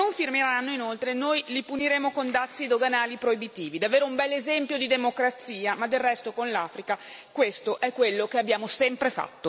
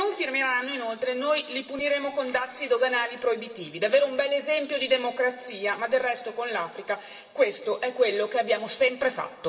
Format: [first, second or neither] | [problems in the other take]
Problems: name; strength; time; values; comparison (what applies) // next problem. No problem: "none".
first | room echo; dies away in 2.5 s